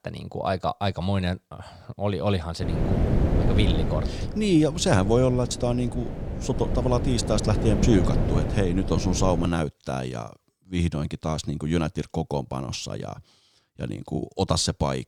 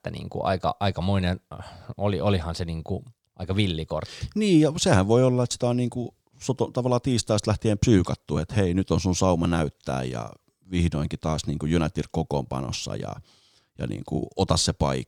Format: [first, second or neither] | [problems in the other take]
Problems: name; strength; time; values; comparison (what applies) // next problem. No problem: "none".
second | wind noise on the microphone; heavy; from 2.5 to 9.5 s; 6 dB below the speech